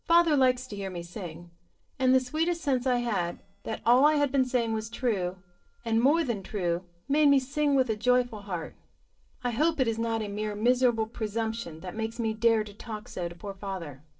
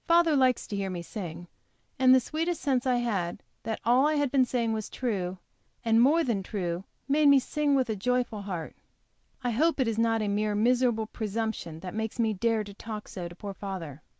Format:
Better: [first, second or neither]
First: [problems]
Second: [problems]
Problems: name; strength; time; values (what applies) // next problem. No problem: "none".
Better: second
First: noise reduction (neural separator model SepFormer DNS4)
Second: none